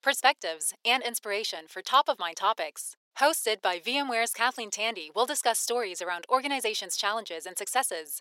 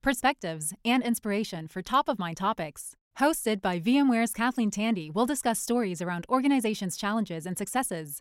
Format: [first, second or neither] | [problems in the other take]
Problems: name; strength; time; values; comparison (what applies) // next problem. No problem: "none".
second | thin; very; fading below 450 Hz